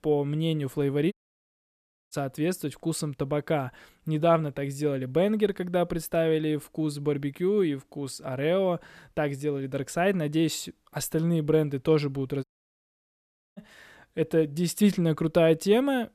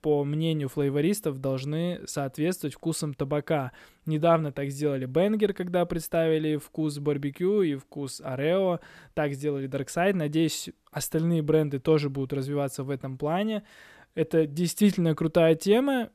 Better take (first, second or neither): second